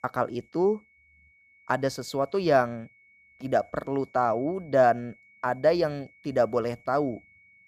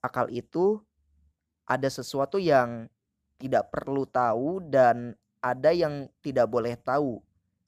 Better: second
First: high-pitched whine; faint; throughout; 2 kHz, 30 dB below the speech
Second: none

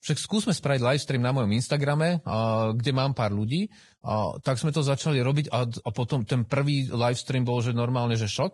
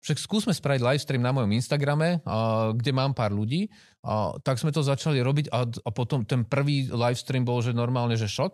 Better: second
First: garbled, watery; badly; nothing above 10.5 kHz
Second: none

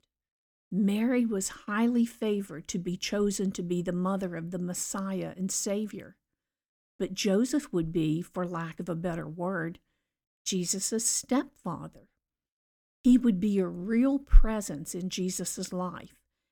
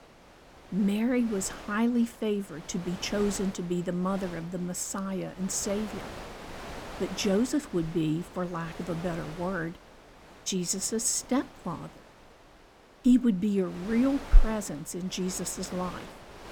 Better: first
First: none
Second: wind noise on the microphone; occasional gusts; 10 dB below the speech

